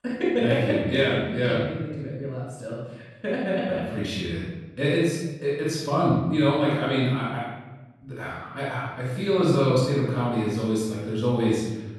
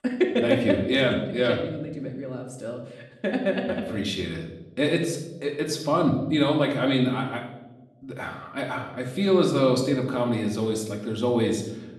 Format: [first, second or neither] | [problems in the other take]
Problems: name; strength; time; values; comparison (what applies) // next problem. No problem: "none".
second | room echo; strong; dies away in 1.2 s; slight in the second // off-mic speech; far; somewhat distant in the second